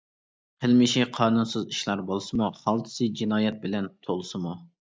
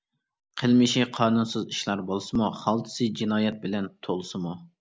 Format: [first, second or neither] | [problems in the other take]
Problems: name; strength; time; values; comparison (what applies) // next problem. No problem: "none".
second | noise reduction (neural mask model DeepFilterNet 3)